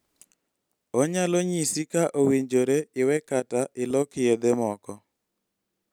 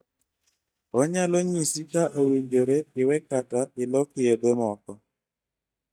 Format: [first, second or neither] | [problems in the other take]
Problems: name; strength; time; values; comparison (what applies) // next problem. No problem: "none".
first | noise reduction (neural mask model DeepFilterNet 3)